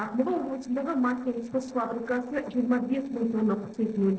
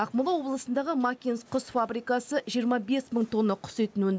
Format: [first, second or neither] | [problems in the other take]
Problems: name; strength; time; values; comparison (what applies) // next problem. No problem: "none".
second | noise reduction (neural separator model SepFormer DNS4)